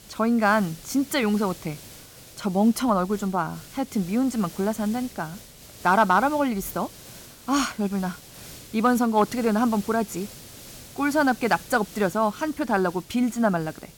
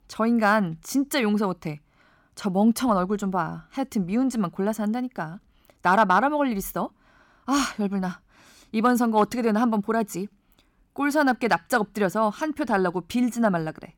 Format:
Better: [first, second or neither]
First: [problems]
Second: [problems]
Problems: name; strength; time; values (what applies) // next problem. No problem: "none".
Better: second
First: hiss; noticeable; throughout; 20 dB below the speech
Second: none